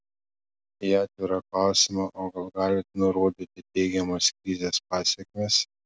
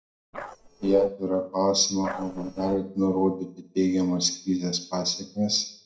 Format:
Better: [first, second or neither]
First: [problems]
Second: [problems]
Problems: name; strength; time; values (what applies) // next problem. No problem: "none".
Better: first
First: none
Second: noise reduction (neural separator model SepFormer DNS4)